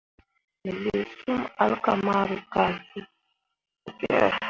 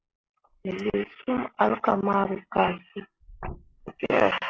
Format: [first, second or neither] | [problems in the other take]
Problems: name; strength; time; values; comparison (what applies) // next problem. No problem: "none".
first | noise reduction (neural mask model Resemble Enhance denoiser)